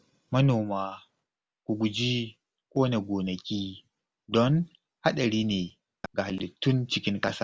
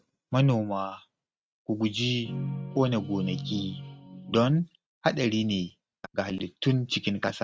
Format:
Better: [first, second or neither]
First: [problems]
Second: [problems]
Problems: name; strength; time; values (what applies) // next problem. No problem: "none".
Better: first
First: none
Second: noise reduction (neural mask model RNNoise)